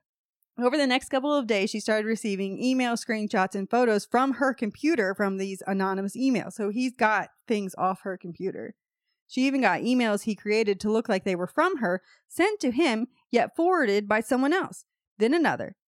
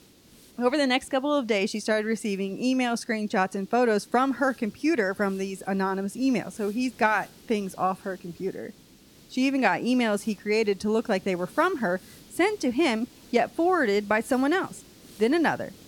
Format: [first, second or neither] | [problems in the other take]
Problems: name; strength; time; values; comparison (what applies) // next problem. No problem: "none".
first | hiss; faint; throughout; 25 dB below the speech